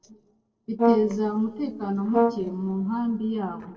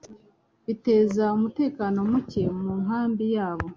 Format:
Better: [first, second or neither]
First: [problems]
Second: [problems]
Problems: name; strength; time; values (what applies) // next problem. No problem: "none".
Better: second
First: noise reduction (neural separator model SepFormer DNS4)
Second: none